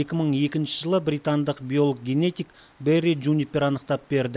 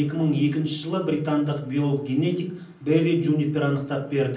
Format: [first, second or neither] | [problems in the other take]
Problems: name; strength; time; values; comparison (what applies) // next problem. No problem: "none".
first | room echo; dies away in 0.6 s